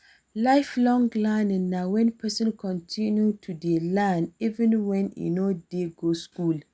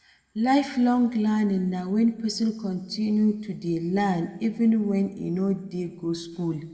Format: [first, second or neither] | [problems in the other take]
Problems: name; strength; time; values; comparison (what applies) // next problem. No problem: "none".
first | room echo; dies away in 1.6 s